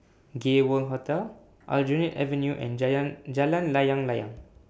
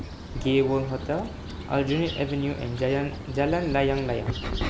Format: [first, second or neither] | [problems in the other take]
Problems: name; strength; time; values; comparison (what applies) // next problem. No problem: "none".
first | background sound (Bird vocalization, bird call, bird song); 7 dB below the speech